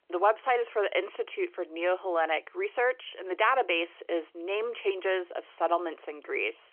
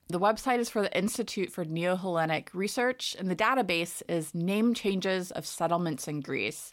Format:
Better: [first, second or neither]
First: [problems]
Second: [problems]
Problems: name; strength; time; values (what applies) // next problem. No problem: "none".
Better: second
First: phone-call audio; nothing above 3 kHz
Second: none